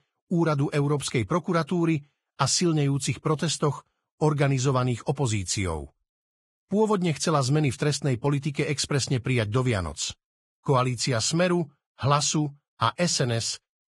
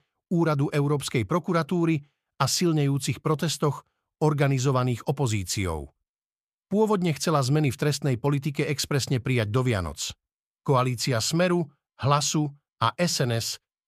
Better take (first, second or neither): second